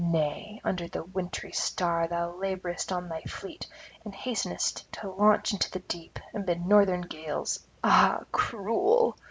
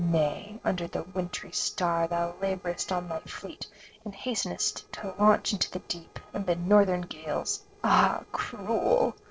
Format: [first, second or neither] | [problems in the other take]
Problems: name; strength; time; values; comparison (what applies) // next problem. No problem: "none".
first | noise reduction (neural separator model SepFormer DNS4)